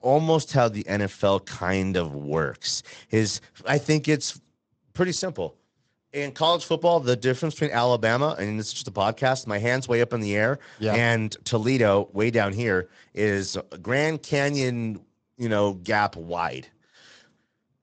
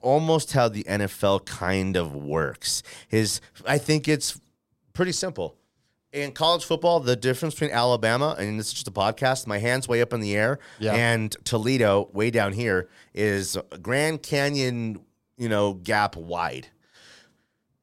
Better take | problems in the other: second | garbled, watery; slightly; nothing above 8 kHz

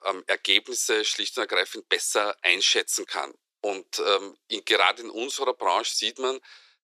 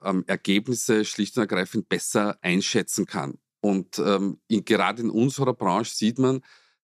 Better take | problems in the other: second | thin; very; fading below 400 Hz

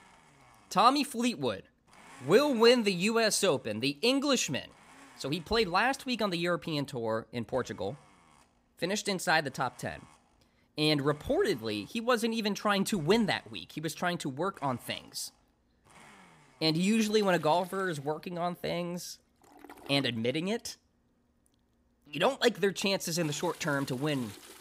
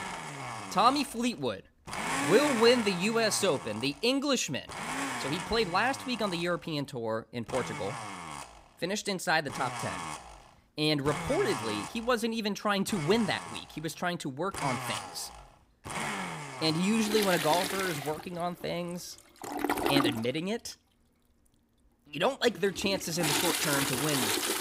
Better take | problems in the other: first | household noises; loud; throughout; 4 dB below the speech; faint in the first

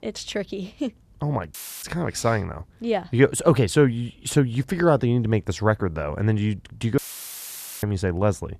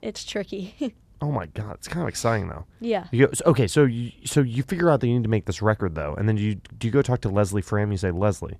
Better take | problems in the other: second | audio cutting out; filled with static; at 1.5 s and at 7 s for 1 s

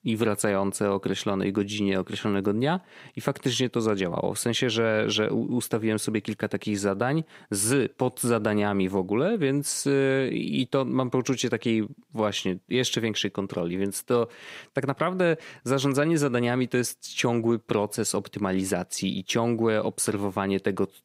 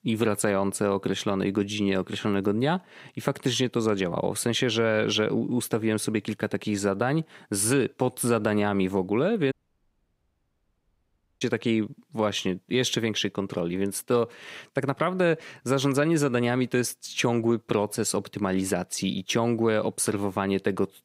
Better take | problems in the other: first | audio cutting out; at 9.5 s for 2 s

